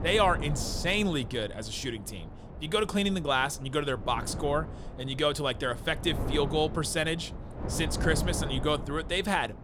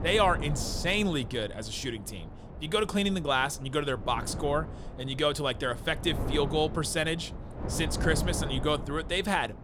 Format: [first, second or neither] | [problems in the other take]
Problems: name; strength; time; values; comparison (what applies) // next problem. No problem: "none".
neither | wind noise on the microphone; occasional gusts; 15 dB below the speech; the same in both